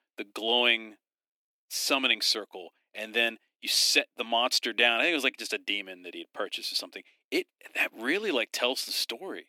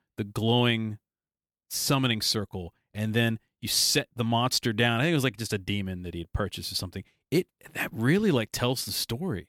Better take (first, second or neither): second